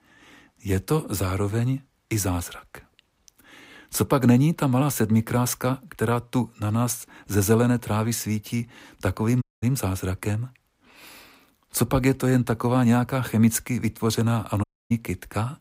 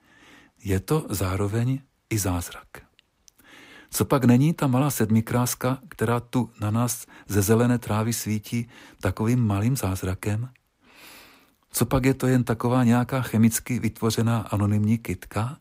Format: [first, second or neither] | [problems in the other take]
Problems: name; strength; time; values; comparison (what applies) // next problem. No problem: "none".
second | audio cutting out; at 9.5 s and at 15 s